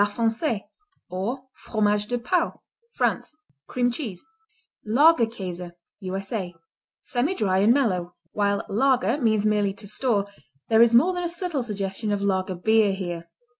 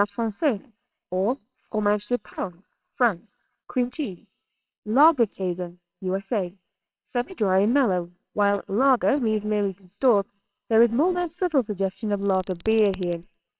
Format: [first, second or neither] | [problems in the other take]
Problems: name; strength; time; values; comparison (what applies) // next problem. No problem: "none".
first | noise reduction (neural separator model SepFormer WHAMR!)